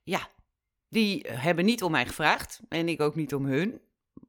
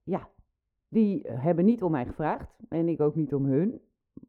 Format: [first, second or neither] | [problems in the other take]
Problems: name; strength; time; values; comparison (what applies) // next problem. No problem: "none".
first | muffled; very; fading above 1.5 kHz